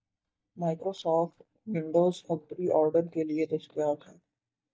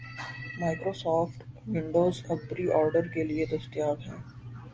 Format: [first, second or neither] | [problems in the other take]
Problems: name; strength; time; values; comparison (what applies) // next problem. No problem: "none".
second | noise reduction (neural mask model DeepFilterNet 3)